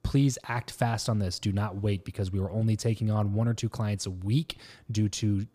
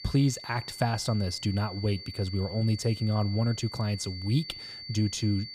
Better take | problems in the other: first | high-pitched whine; noticeable; throughout; 4.5 kHz, 10 dB below the speech

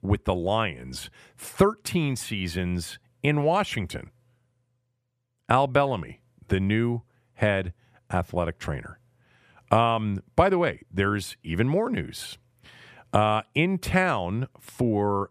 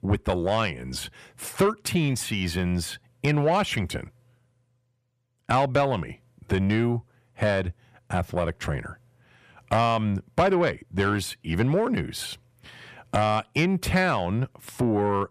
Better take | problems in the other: first | distortion; slight; 10 dB below the speech

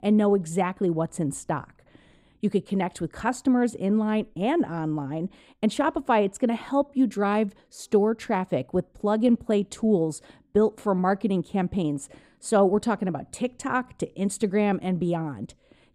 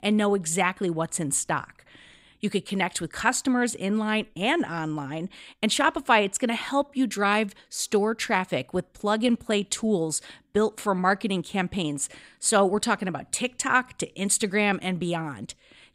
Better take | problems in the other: second | muffled; slightly; fading above 1 kHz

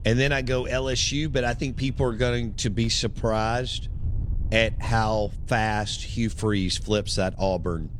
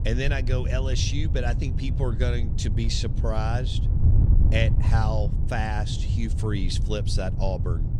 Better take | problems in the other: first | wind noise on the microphone; heavy; 8 dB below the speech; occasional gusts in the first

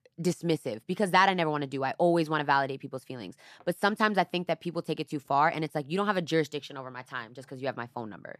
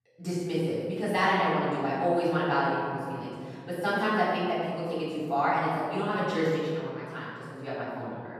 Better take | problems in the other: first | off-mic speech; far // room echo; strong; dies away in 2.1 s

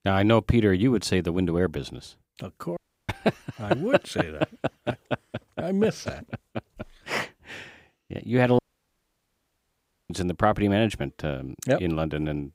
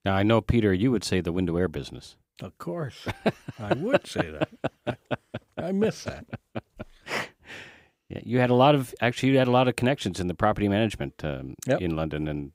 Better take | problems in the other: second | audio cutting out; at 3 s and at 8.5 s for 1.5 s

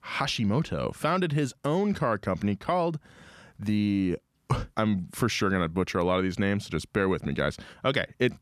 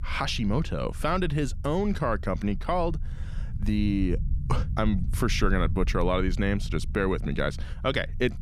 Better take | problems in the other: first | low rumble; faint; throughout; 20 dB below the speech

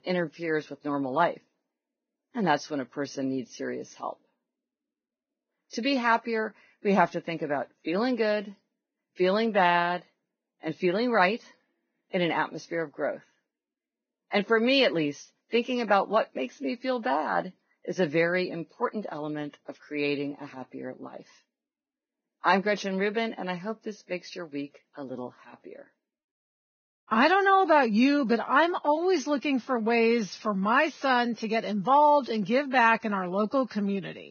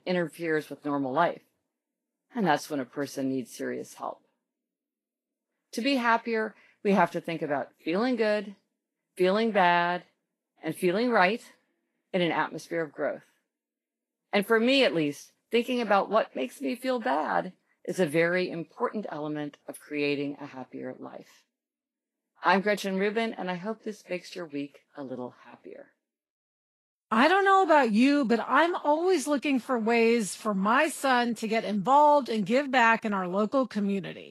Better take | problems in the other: second | garbled, watery; badly; nothing above 6.5 kHz; slightly in the second

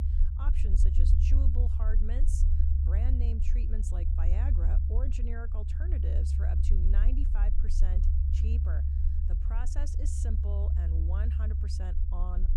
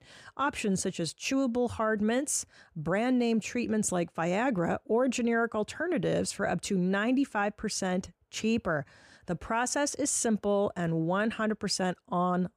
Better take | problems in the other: second | low rumble; loud; throughout; as loud as the speech

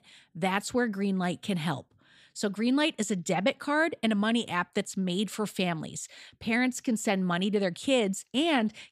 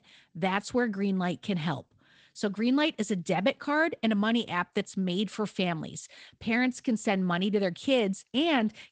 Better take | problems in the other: first | garbled, watery; slightly; nothing above 8 kHz

